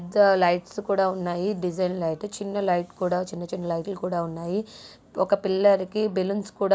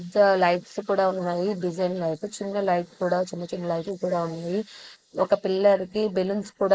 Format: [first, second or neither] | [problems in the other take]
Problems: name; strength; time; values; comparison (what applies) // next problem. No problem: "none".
first | noise reduction (neural mask model Resemble Enhance denoiser)